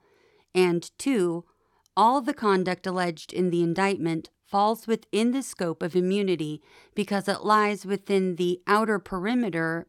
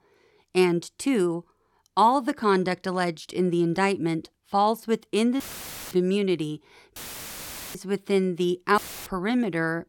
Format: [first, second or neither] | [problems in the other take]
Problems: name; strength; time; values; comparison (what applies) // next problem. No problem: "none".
first | audio cutting out; filled with static; at 5.5 s for 0.5 s, at 7 s for 1 s and at 9 s